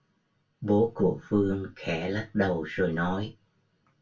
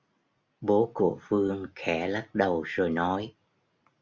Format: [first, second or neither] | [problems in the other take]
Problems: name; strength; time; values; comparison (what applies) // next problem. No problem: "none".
second | room echo; dies away in 0.1 s